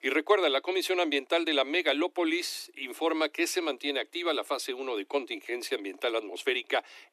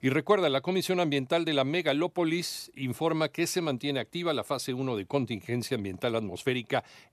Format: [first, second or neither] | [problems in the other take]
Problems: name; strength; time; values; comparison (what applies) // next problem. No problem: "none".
second | thin; somewhat; fading below 300 Hz